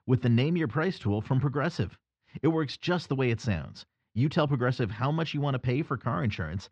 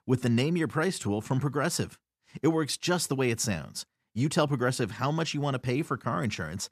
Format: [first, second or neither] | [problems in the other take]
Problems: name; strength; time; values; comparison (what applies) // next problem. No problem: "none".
second | muffled; slightly; fading above 4 kHz